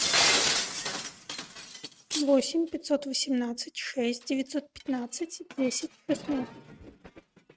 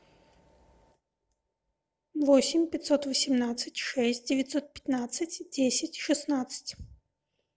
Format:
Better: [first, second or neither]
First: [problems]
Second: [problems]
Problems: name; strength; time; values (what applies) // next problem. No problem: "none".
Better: second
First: noise reduction (neural mask model RNNoise)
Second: none